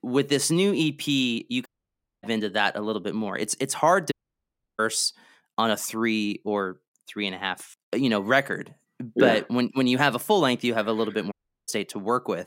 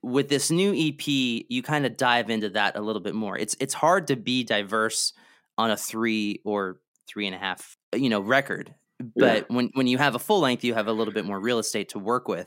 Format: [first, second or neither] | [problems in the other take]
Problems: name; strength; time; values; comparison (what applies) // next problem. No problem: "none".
second | audio cutting out; at 1.5 s for 0.5 s, at 4 s for 0.5 s and at 11 s